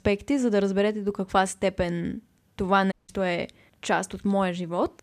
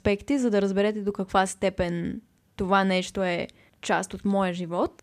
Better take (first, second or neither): second